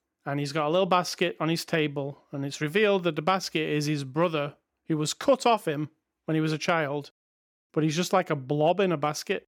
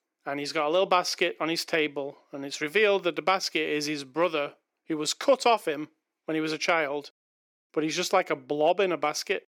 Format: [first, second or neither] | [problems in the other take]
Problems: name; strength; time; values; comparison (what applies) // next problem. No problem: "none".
first | thin; somewhat; fading below 350 Hz